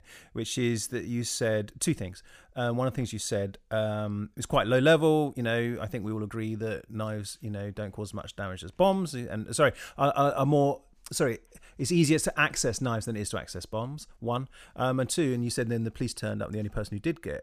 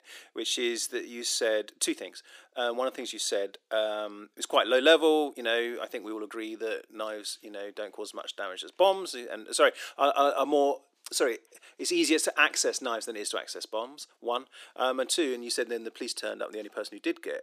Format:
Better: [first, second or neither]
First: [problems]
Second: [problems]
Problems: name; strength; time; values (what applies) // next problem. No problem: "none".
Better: first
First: none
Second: thin; somewhat; fading below 300 Hz